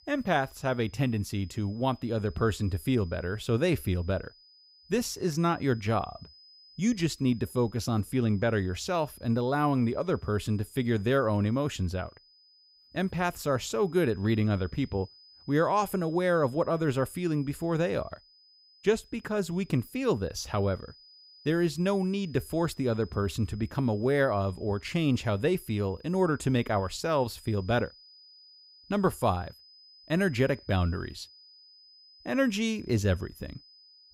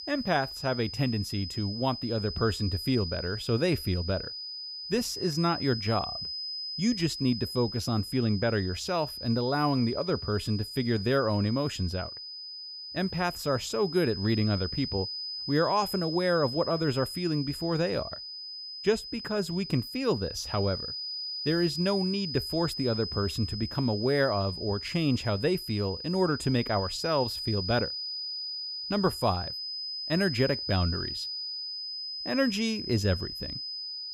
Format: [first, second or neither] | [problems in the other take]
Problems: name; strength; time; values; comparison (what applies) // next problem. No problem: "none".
first | high-pitched whine; loud; throughout; 5 kHz, 6 dB below the speech; faint in the first